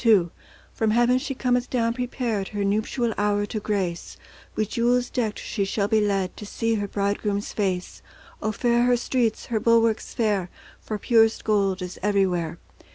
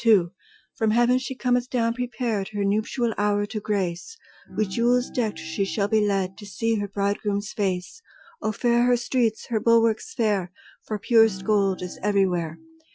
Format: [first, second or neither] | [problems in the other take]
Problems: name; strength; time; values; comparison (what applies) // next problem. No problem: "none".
first | noise reduction (classical method Wiener filter)